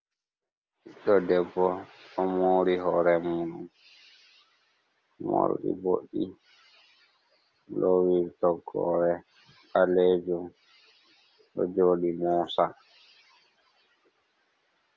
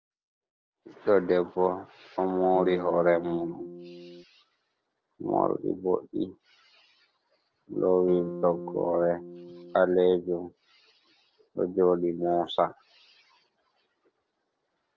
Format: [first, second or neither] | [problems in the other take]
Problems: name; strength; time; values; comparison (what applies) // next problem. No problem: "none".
first | noise reduction (neural separator model SepFormer DNS4)